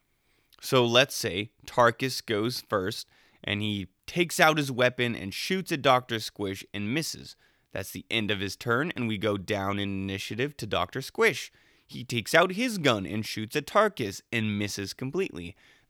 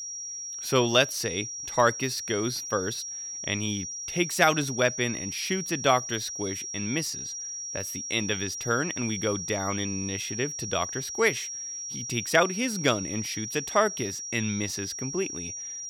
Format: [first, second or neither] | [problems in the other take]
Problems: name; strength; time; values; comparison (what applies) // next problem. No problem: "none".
first | high-pitched whine; loud; throughout; 5.5 kHz, 5 dB below the speech